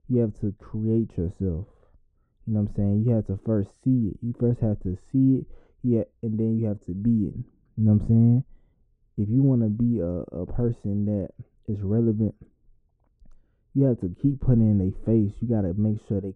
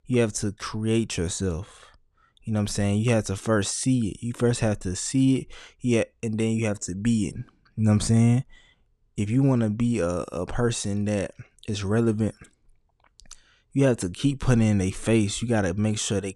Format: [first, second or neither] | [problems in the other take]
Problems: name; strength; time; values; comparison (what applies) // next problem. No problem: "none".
second | muffled; very; fading above 1 kHz